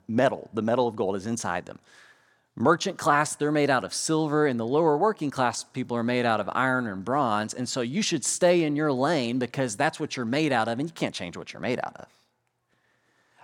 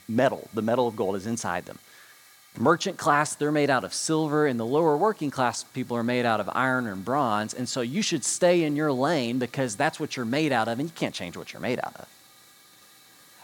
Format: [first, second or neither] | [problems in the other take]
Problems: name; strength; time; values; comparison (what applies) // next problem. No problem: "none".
first | hiss; faint; throughout; 25 dB below the speech